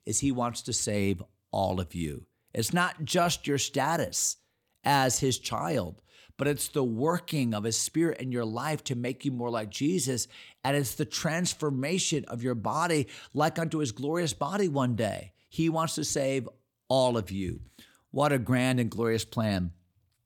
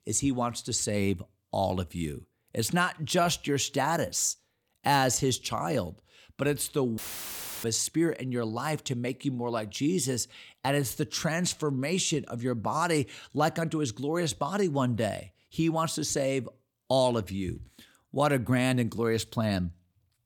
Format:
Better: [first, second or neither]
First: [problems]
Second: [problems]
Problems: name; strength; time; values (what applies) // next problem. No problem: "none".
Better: first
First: none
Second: audio cutting out; filled with static; at 7 s for 0.5 s